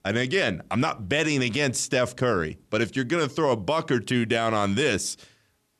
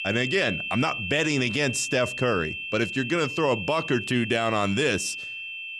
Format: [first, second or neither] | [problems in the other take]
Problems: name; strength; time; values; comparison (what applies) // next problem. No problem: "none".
first | high-pitched whine; loud; throughout; 2.5 kHz, 6 dB below the speech